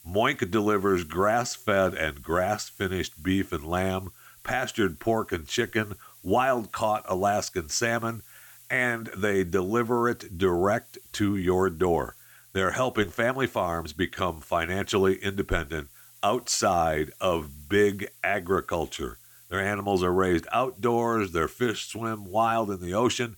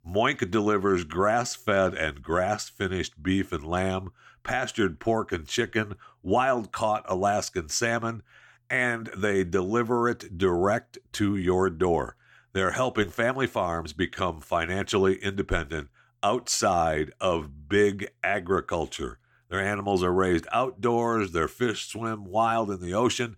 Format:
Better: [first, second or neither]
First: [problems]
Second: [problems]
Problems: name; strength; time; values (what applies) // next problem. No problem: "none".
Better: second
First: hiss; faint; throughout; 25 dB below the speech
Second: none